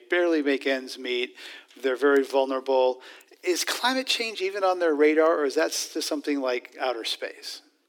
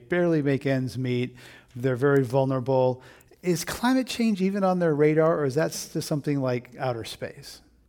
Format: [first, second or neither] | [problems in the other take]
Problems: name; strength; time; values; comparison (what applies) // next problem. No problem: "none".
second | thin; somewhat; fading below 300 Hz